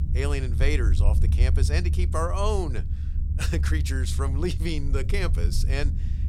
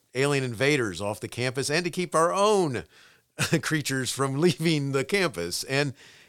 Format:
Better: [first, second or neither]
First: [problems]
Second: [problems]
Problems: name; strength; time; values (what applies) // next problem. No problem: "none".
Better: second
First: low rumble; noticeable; throughout; 10 dB below the speech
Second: none